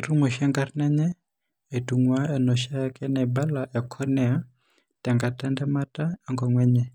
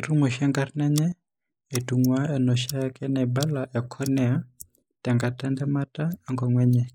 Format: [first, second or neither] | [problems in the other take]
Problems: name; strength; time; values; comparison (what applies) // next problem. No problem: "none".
first | noise reduction (neural mask model Resemble Enhance denoiser)